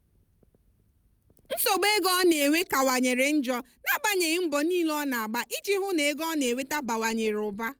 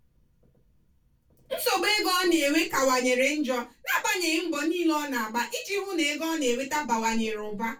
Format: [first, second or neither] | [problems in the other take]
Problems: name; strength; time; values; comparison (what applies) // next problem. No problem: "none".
first | room echo; dies away in 0.2 s